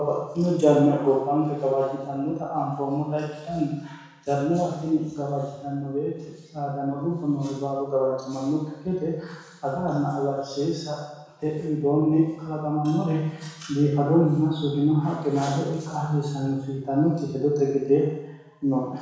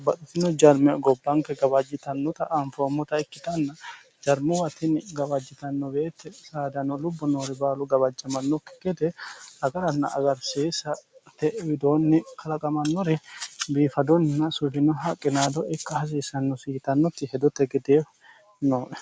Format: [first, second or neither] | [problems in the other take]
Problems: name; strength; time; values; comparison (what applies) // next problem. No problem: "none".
second | room echo; dies away in 1.1 s